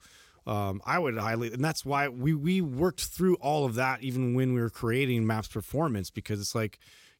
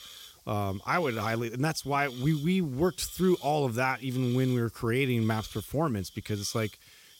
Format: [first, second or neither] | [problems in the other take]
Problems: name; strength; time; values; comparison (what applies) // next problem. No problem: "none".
first | hiss; noticeable; throughout; 20 dB below the speech